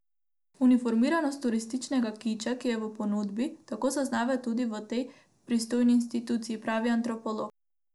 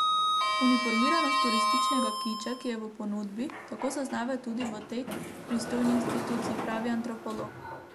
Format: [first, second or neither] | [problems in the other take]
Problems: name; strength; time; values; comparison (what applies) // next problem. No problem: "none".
first | background sound (Sliding door); 1 dB above the speech